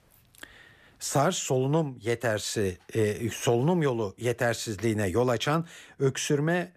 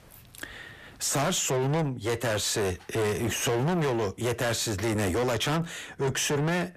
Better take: first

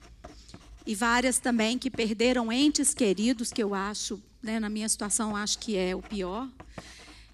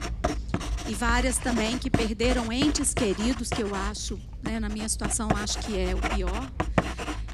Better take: first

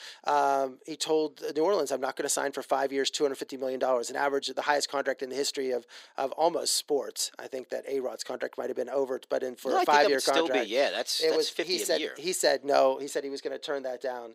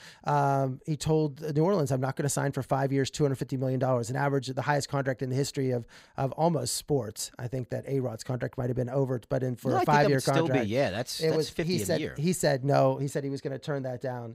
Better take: second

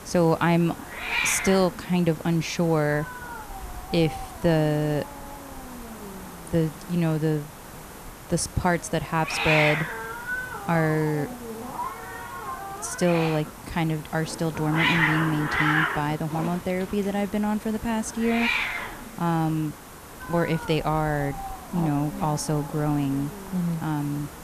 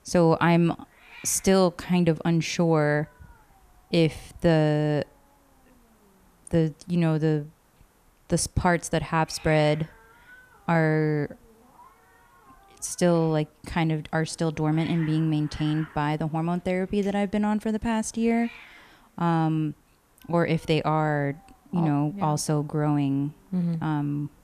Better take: second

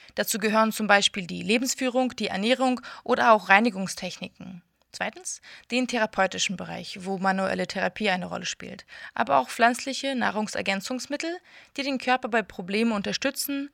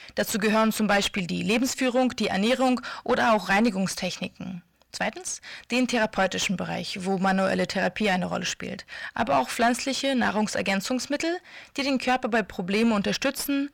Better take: first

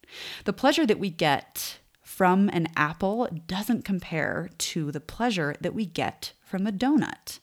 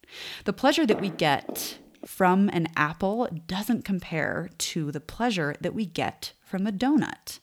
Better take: first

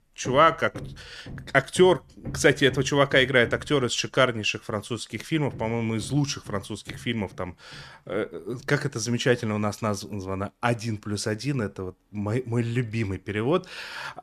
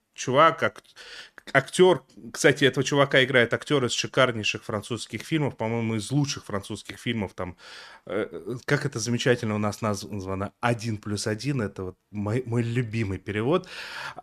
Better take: second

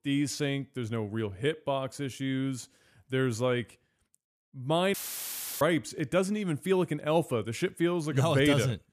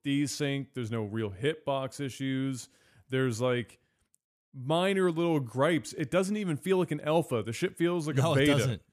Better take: second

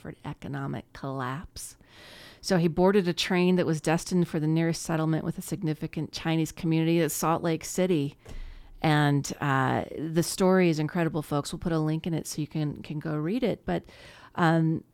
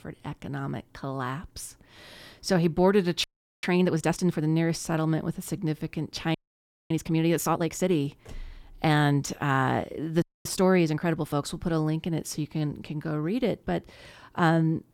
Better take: first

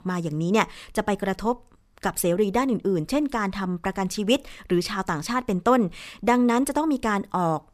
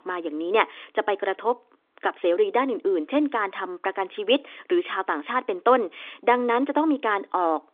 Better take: first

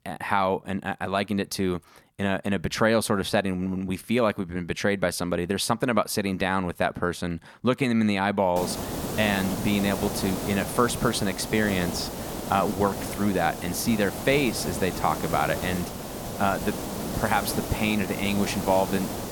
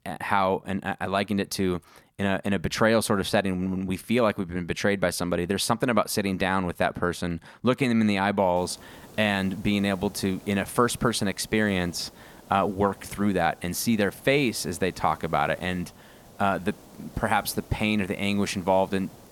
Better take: second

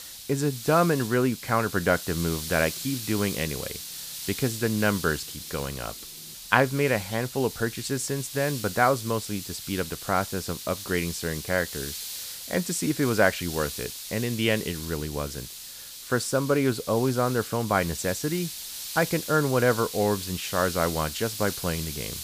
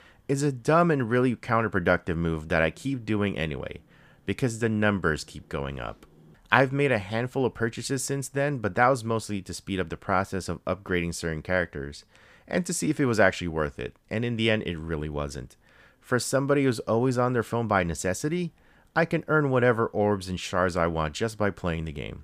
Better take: second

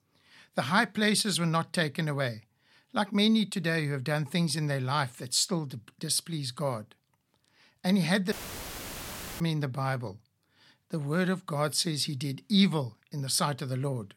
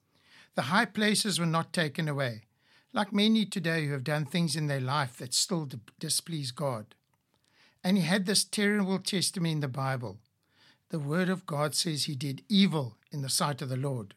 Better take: second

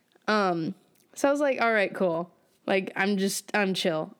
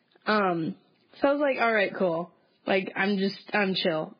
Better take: first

